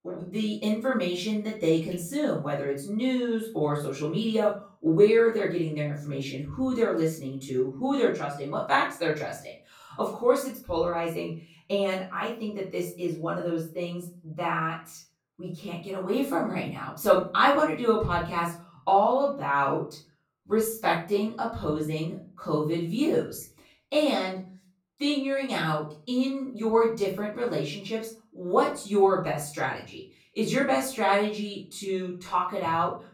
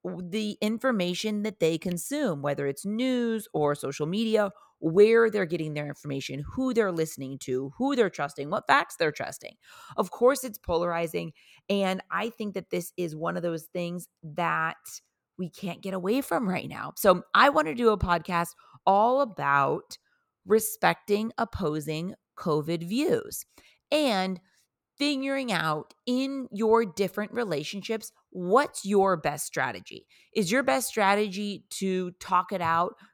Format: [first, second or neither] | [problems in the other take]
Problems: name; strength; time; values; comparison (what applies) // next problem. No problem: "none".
second | off-mic speech; far // room echo; slight; dies away in 0.3 s